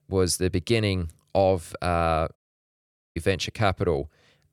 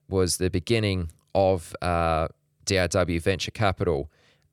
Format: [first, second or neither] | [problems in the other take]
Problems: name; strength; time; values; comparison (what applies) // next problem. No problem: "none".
second | audio cutting out; at 2.5 s for 1 s